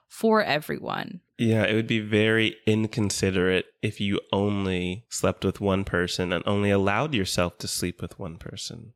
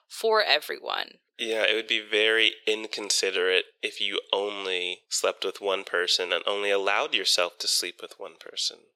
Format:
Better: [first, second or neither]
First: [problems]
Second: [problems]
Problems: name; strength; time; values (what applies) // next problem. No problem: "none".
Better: first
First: none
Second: thin; very; fading below 450 Hz